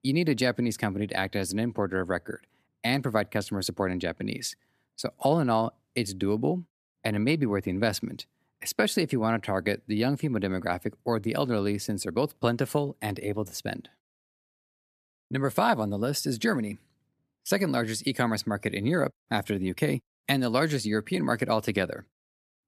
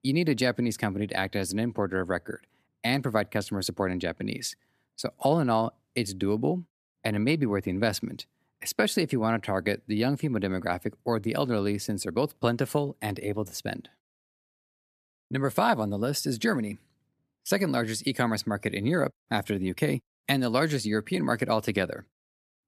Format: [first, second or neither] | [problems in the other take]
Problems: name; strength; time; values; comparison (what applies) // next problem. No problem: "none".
neither | none